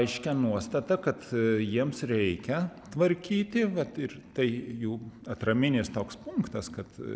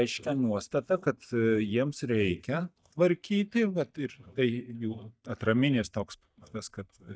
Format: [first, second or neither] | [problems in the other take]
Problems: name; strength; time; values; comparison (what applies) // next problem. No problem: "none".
first | noise reduction (neural mask model DeepFilterNet 3)